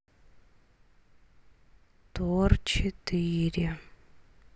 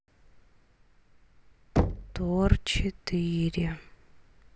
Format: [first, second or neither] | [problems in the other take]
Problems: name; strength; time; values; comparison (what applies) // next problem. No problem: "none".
first | background sound (Knock); 4 dB below the speech